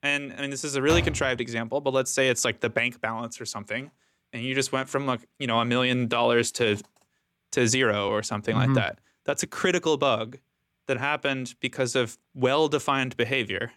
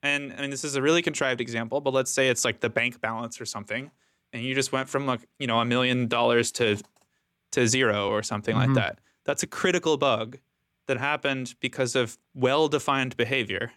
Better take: second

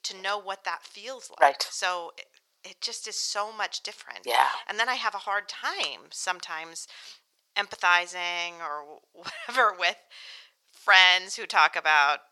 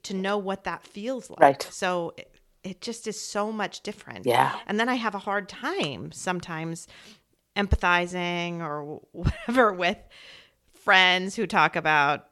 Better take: second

